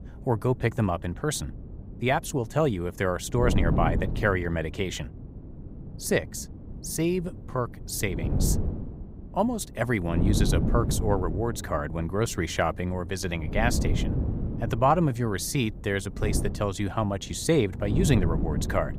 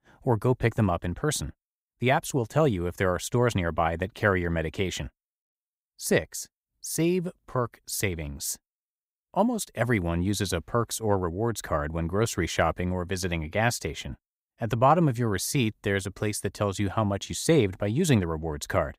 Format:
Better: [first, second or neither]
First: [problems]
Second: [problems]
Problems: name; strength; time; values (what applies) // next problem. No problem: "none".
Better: second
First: wind noise on the microphone; occasional gusts; 10 dB below the speech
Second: none